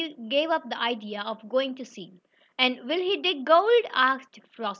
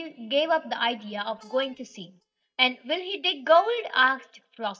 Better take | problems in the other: first | noise reduction (neural mask model DeepFilterNet 3)

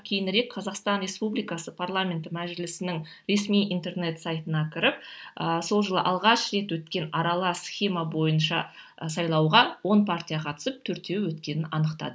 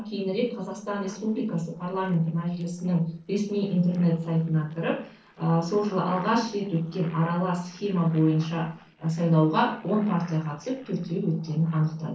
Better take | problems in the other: first | noise reduction (neural separator model SepFormer DNS4)

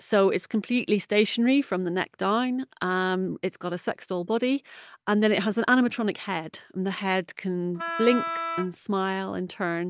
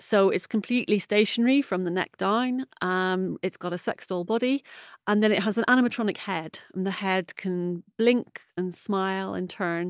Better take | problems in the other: second | background sound (Wind instrument, woodwind instrument); 6 dB below the speech

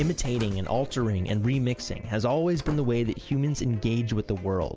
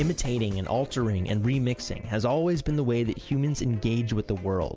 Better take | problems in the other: second | background sound (Slam); 15 dB below the speech

